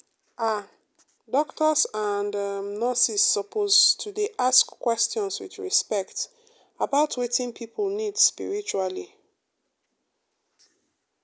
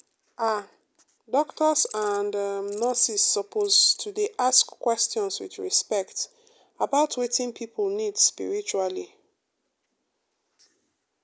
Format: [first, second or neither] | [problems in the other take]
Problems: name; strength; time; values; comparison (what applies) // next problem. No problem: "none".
first | background sound (Insect); 18 dB below the speech